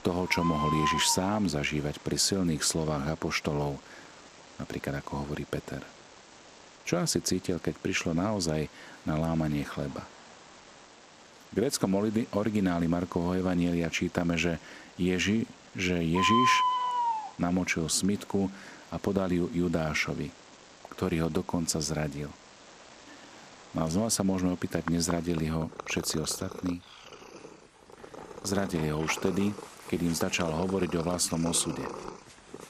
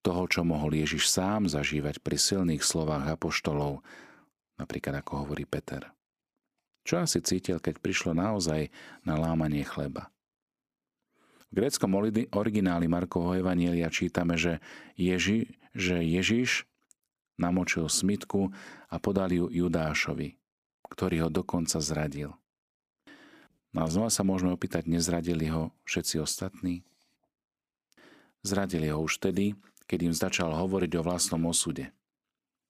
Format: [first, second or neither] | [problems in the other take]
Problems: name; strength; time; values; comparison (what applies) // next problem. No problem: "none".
second | animal sounds; loud; throughout; 5 dB below the speech